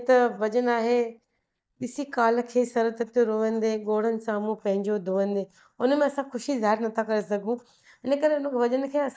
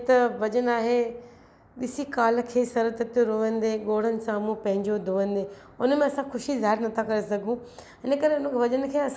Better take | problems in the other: second | noise reduction (neural mask model DeepFilterNet 3)

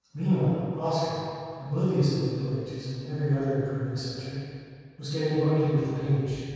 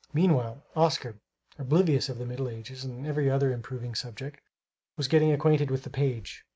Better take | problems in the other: second | room echo; dies away in 2.1 s

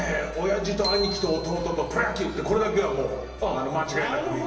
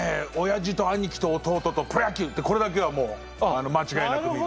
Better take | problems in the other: second | background sound (Bicycle bell); 12 dB below the speech // room echo; dies away in 1 s

